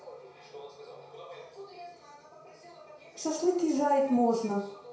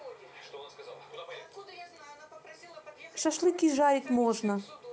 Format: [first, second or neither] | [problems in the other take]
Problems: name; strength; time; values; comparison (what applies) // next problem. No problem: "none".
second | room echo; dies away in 0.6 s